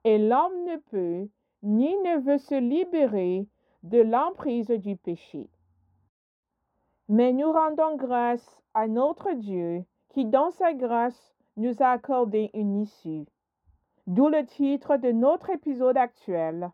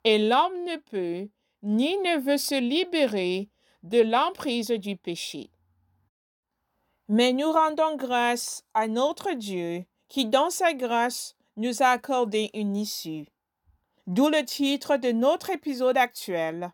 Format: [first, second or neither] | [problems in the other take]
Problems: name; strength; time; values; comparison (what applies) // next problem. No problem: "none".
second | muffled; very; fading above 2.5 kHz